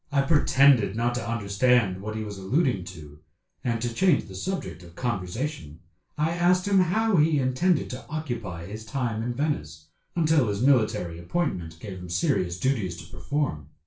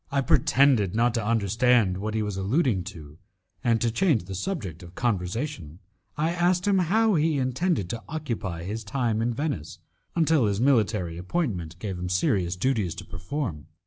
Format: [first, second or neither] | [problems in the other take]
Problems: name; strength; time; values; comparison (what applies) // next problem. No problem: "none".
second | room echo; dies away in 0.3 s